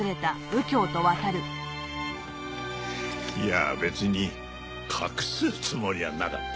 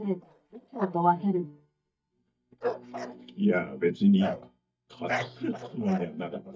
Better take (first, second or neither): first